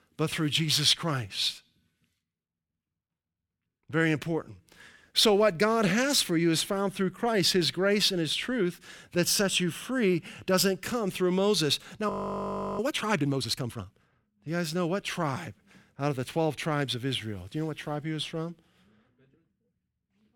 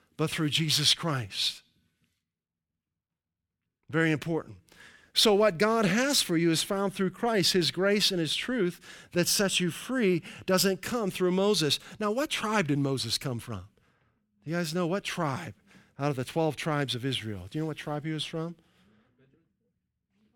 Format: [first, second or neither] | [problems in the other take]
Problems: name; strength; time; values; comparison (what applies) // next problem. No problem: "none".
second | audio freezing; at 12 s for 0.5 s